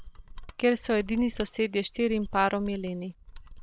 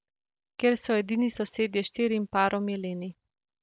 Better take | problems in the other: second | background sound (Mechanisms); 15 dB below the speech

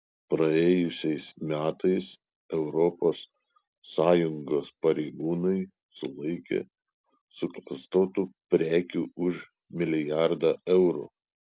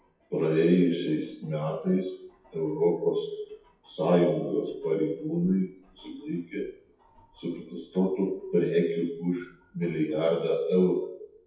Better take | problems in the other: first | noise reduction (classical method WPE with log-MMSE)

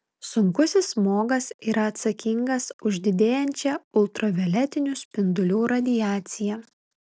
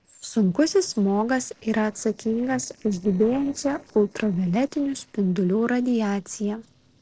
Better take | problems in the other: first | noise reduction (neural separator model SepFormer DNS4)

